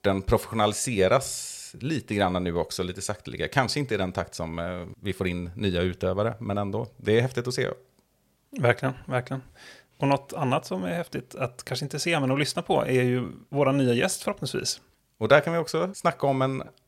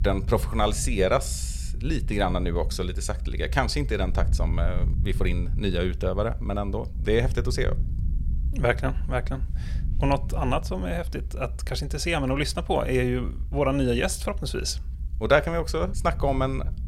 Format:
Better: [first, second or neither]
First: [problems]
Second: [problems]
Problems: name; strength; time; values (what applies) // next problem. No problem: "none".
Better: first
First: none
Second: low rumble; faint; throughout; 20 dB below the speech